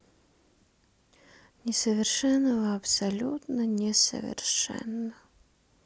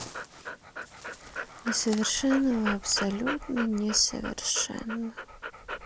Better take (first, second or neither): first